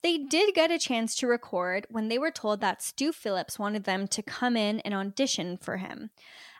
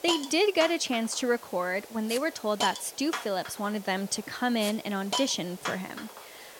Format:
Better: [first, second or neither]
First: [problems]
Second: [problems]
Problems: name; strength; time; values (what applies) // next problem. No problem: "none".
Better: first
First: none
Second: hiss; loud; throughout; 9 dB below the speech